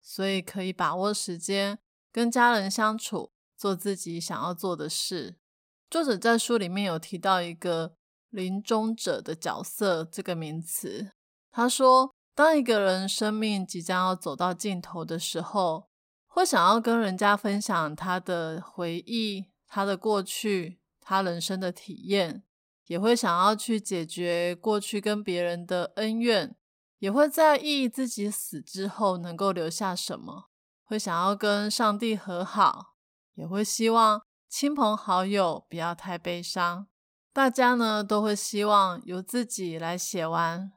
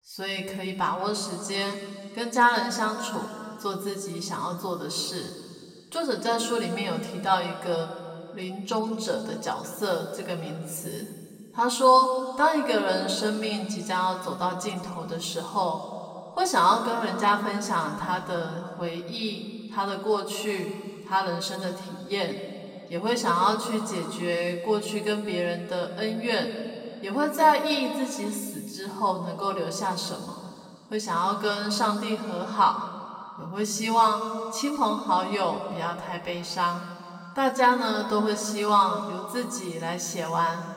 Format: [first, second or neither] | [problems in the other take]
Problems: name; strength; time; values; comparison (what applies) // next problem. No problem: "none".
first | room echo; noticeable; dies away in 2 s // off-mic speech; somewhat distant